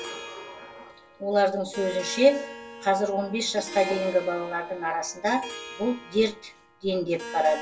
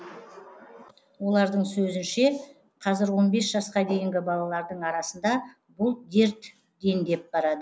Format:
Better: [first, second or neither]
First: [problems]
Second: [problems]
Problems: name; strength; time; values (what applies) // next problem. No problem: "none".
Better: second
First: background sound (Harp); 14 dB below the speech // room echo; dies away in 0.1 s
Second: none